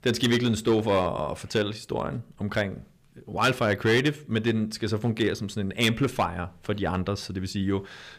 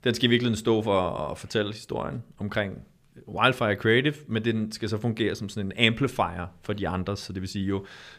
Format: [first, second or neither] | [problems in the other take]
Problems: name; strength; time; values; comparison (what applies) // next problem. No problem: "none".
second | distortion; slight; 3% of the sound clipped